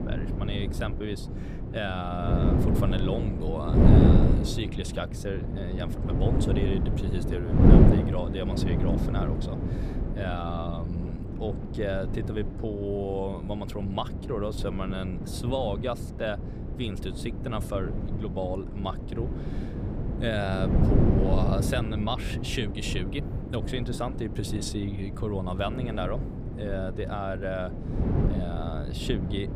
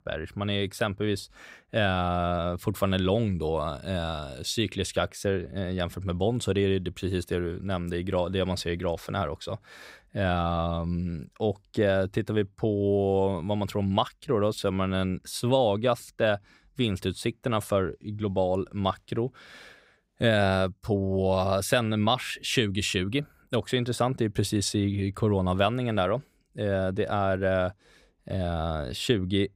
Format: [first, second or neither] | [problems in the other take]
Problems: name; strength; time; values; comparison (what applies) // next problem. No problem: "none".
second | wind noise on the microphone; heavy; 2 dB below the speech